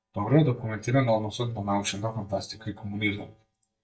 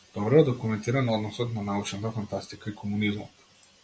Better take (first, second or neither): second